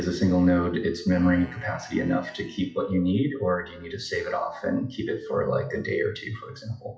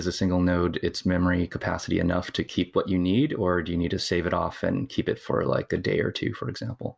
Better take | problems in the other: second | noise reduction (classical method WPE with log-MMSE)

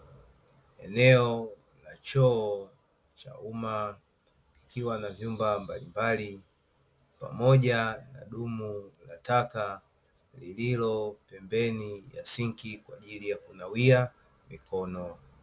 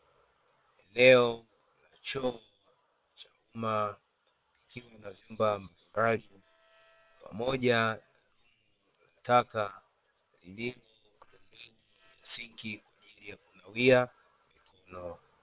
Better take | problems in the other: first | noise reduction (neural separator model SepFormer WHAM!)

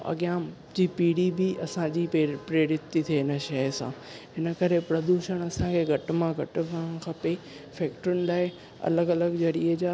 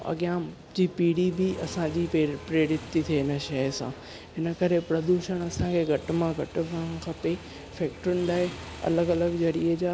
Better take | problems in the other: first | background sound (Motorcycle); 17 dB below the speech

